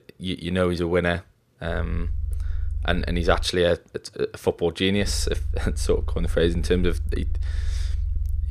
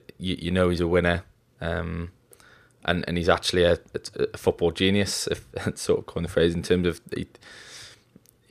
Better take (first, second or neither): second